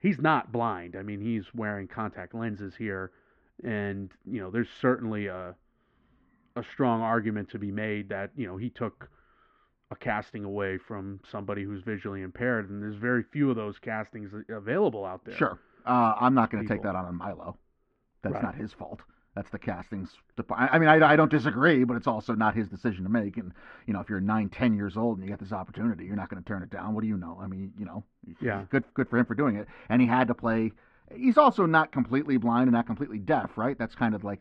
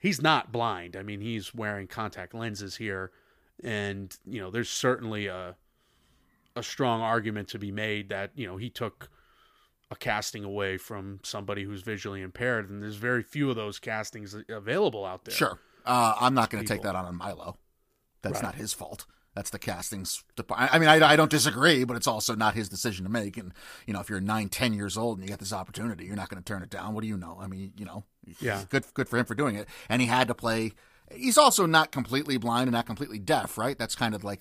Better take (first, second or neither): second